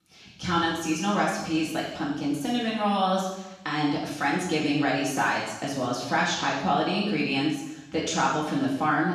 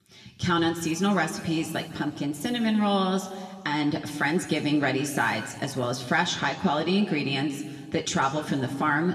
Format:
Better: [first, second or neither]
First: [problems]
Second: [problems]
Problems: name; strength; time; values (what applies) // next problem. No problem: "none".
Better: second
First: room echo; strong; dies away in 0.9 s // off-mic speech; far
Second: room echo; slight; dies away in 1.6 s // off-mic speech; somewhat distant